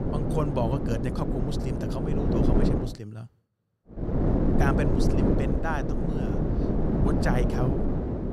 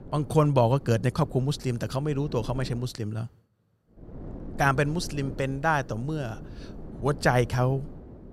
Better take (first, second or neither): second